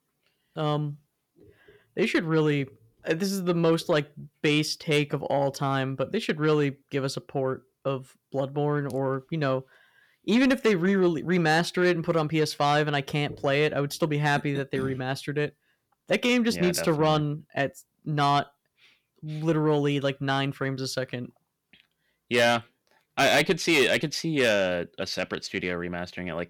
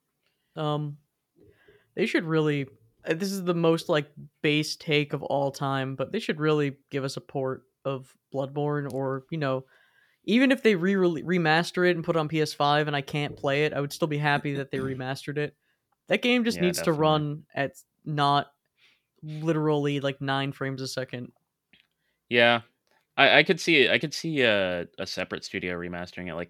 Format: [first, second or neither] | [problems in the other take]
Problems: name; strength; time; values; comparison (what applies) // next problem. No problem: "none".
second | distortion; slight; 10 dB below the speech